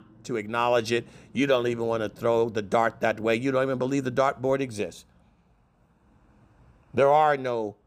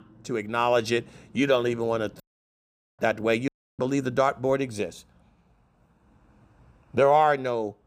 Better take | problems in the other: first | audio cutting out; at 2 s for 1 s and at 3.5 s

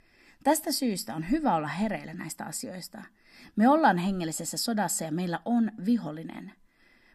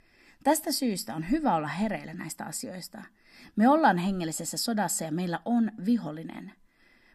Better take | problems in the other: neither | none

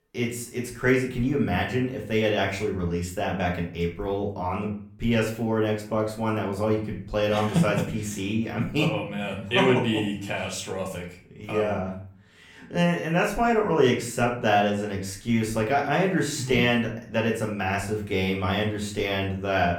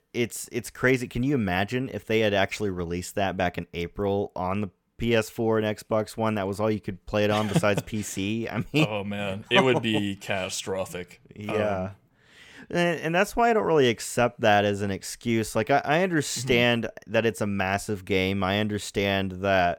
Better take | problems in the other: second | room echo; slight; dies away in 0.4 s // off-mic speech; far

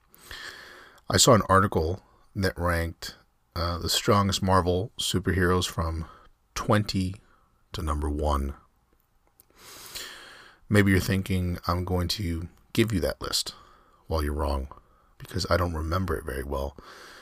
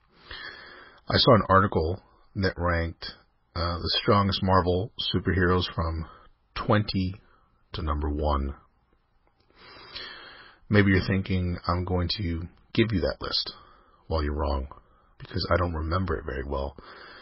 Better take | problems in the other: first | garbled, watery; badly; nothing above 5.5 kHz

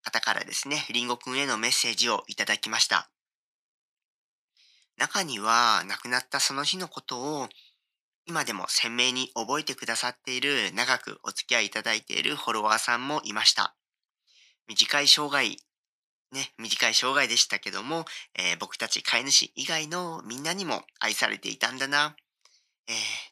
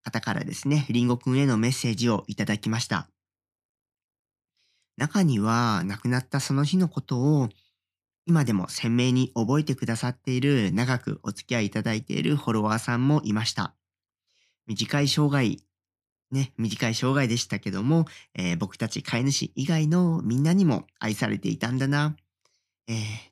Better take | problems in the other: second | thin; very; fading below 700 Hz

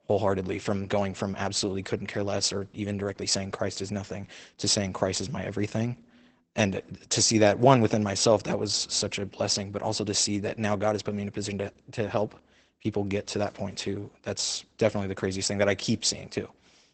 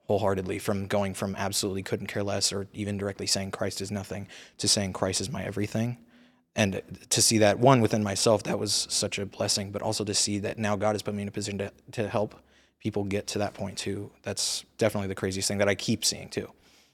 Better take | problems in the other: second | garbled, watery; badly; nothing above 8 kHz

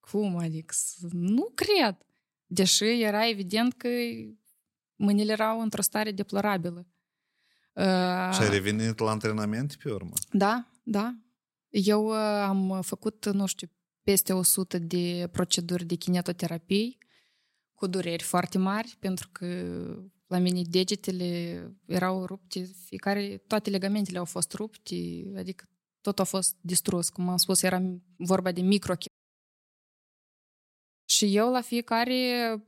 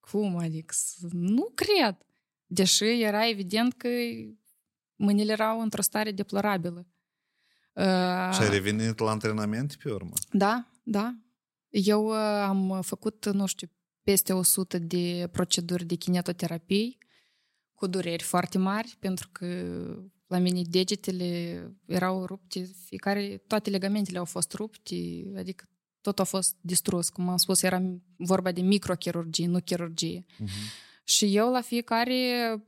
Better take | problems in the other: second | audio cutting out; at 29 s for 2 s

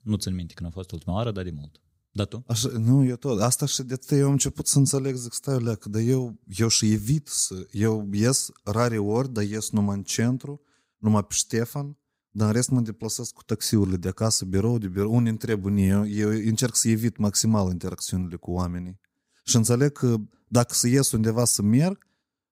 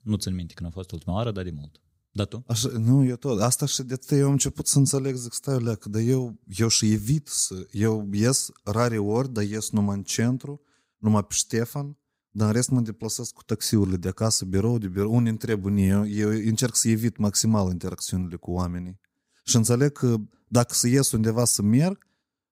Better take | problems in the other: neither | none

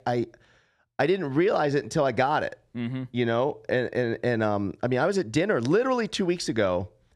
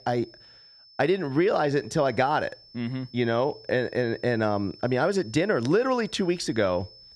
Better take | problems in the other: first | high-pitched whine; faint; throughout; 5.5 kHz, 25 dB below the speech

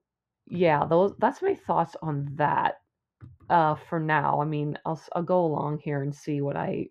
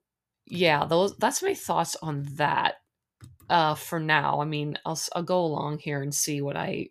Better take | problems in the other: second | muffled; very; fading above 3.5 kHz

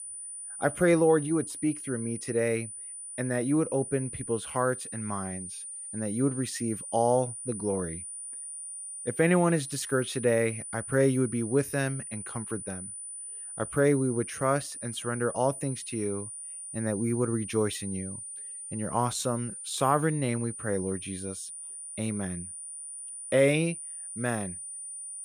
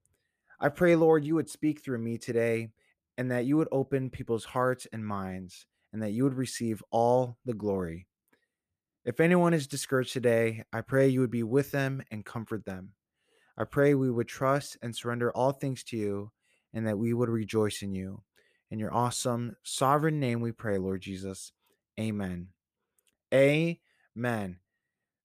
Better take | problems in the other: second | high-pitched whine; loud; throughout; 9.5 kHz, 8 dB below the speech

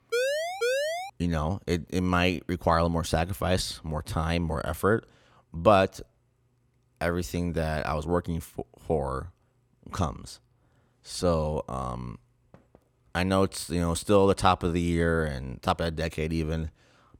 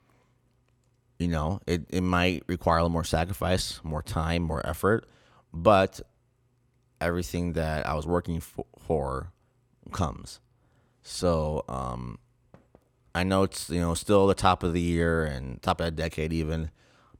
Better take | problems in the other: second | siren; loud; at the start; peak level with the speech

